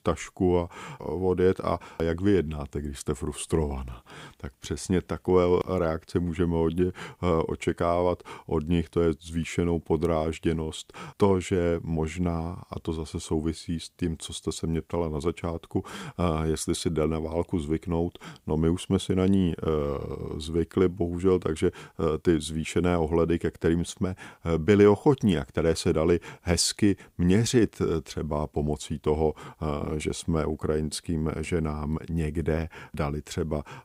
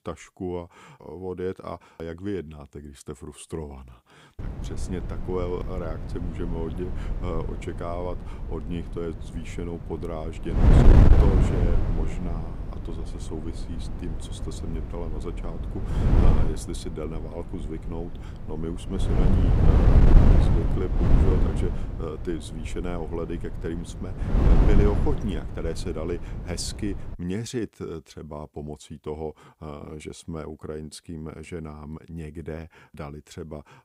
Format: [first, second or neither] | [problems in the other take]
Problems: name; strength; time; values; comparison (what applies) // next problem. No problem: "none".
first | wind noise on the microphone; heavy; from 4.5 to 27 s; 2 dB above the speech